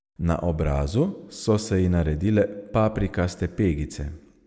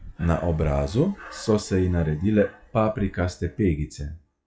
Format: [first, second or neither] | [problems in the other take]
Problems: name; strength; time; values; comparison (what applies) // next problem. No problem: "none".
first | noise reduction (classical method WPE with log-MMSE)